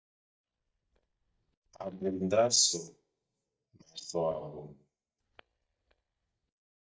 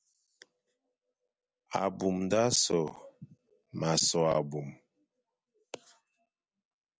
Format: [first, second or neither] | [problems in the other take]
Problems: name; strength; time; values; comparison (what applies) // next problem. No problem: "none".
second | noise reduction (neural mask model DeepFilterNet 3)